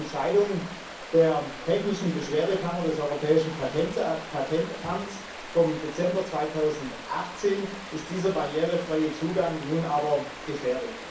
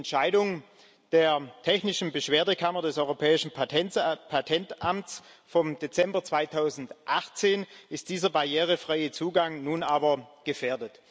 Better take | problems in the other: second | background sound (Stream); 13 dB below the speech // room echo; dies away in 0.6 s

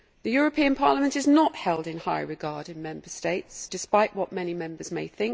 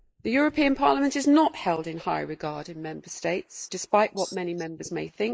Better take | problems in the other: first | noise reduction (neural mask model Resemble Enhance denoiser)

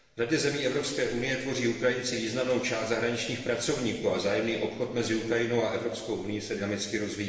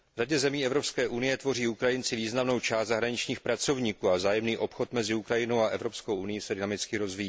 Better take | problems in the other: second | room echo; dies away in 1.3 s

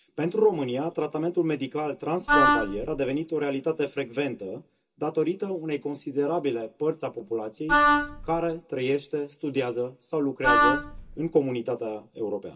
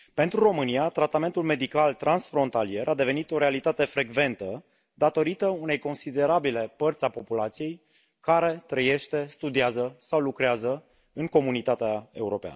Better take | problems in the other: second | background sound (Wind instrument, woodwind instrument); 4 dB above the speech // room echo; dies away in 0.2 s

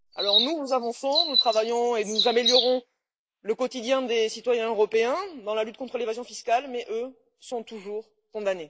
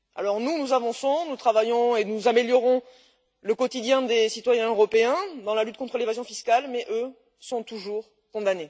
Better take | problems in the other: second | noise reduction (neural mask model Resemble Enhance denoiser)

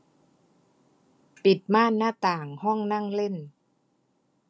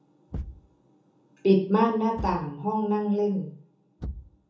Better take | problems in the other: first | background sound (Thump, thud); 15 dB below the speech // room echo; dies away in 1 s

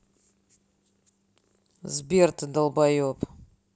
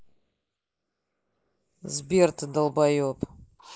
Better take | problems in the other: first | noise reduction (neural mask model Resemble Enhance denoiser)

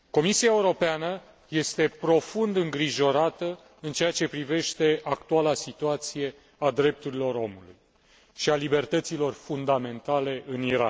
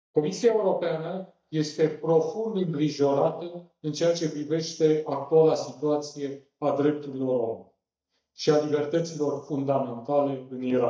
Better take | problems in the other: first | noise reduction (neural mask model DeepFilterNet 3)

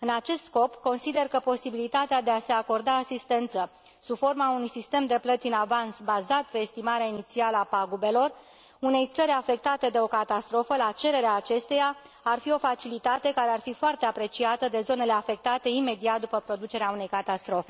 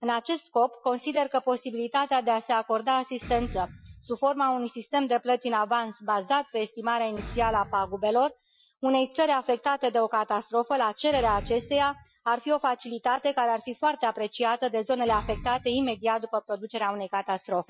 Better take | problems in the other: first | noise reduction (classical method Wiener filter)

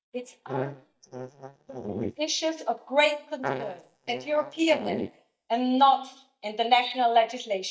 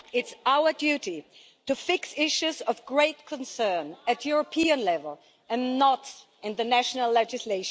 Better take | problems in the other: second | noise reduction (neural mask model DeepFilterNet 3)

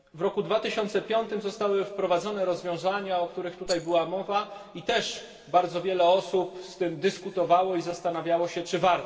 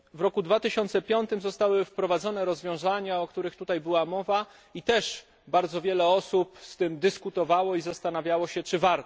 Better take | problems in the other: second | background sound (Rattle); 15 dB below the speech // room echo; dies away in 2.5 s

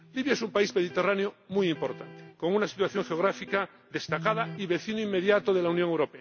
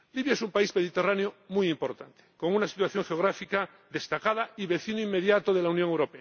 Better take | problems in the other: second | background sound (Electric guitar); 17 dB below the speech

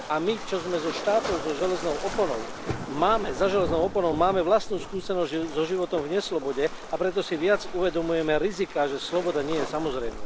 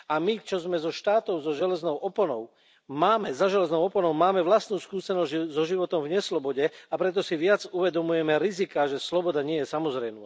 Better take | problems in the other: second | background sound (Waves, surf); 8 dB below the speech

